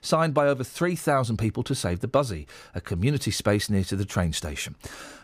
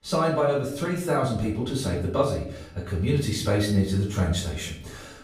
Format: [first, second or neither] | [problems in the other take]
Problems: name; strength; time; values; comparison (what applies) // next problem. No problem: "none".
first | room echo; noticeable; dies away in 0.6 s // off-mic speech; far